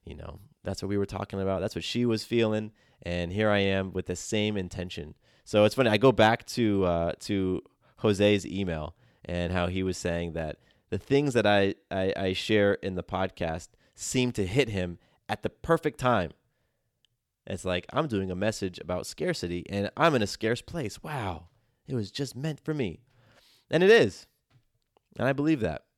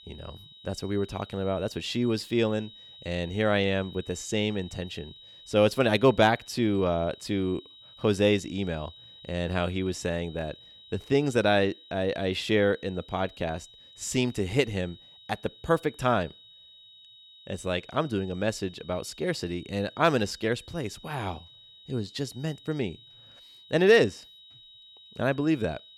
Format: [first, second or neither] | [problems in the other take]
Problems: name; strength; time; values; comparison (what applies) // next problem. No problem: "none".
first | high-pitched whine; faint; throughout; 4 kHz, 20 dB below the speech